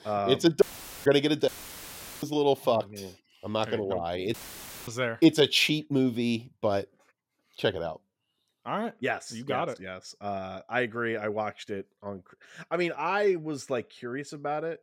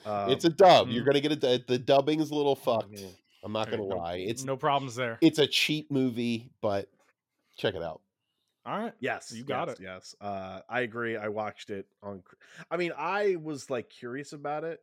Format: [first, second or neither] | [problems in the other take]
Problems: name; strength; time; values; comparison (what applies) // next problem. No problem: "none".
second | audio cutting out; filled with static; at 0.5 s, at 1.5 s for 1 s and at 4.5 s for 0.5 s